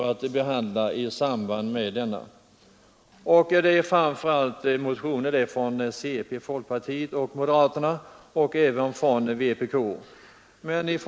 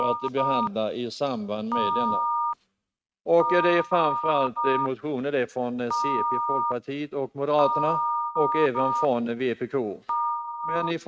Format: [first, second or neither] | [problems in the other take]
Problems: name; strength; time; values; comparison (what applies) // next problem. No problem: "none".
first | noise reduction (neural mask model RNNoise)